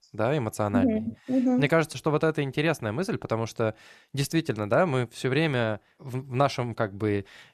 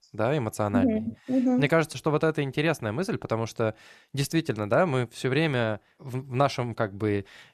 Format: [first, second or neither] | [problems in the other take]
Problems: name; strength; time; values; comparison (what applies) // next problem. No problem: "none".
neither | none